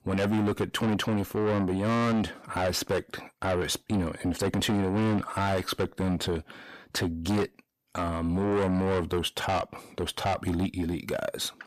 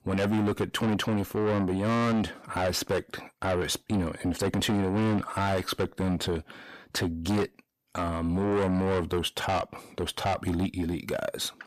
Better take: neither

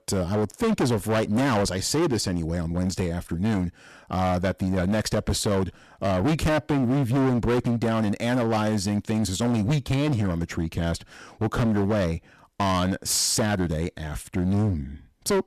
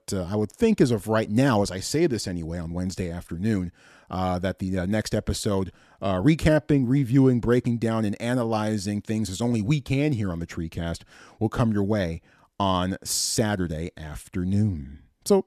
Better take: second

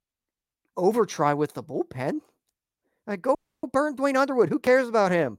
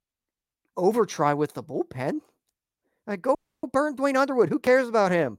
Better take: neither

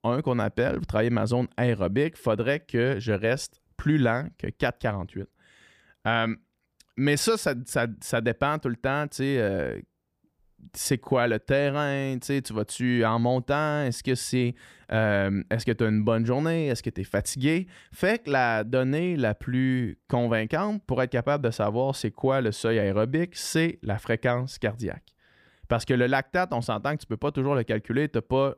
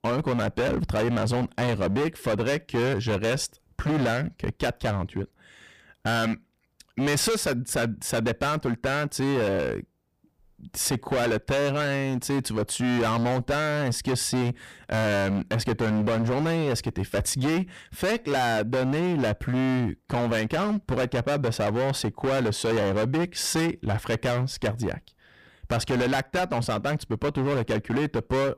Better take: first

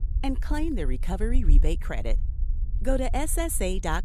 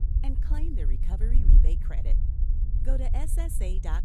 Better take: first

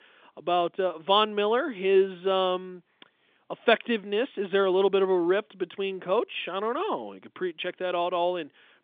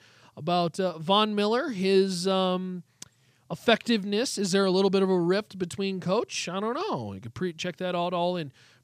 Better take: second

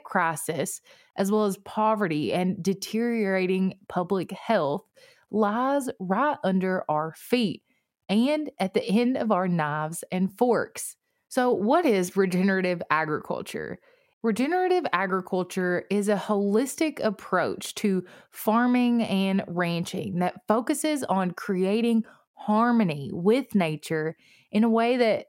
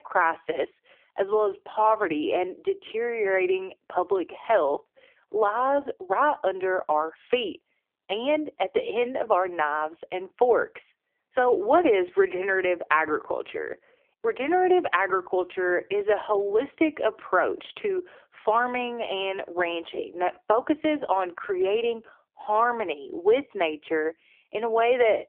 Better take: first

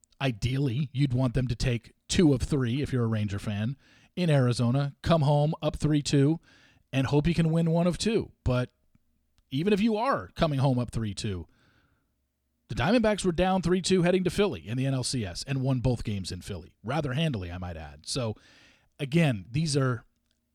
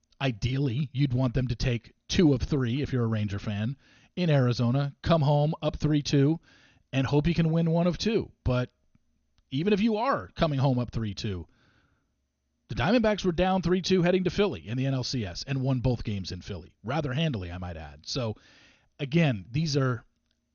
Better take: first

